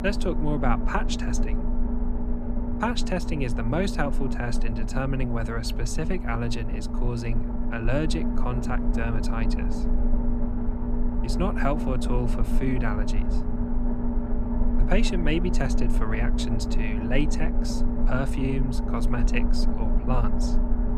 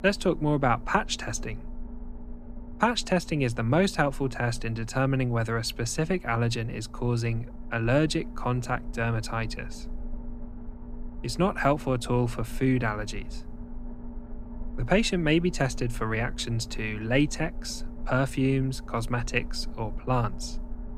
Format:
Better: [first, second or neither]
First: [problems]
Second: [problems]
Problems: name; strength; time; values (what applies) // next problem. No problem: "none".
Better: second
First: low rumble; loud; throughout; 4 dB below the speech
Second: low rumble; faint; throughout; 20 dB below the speech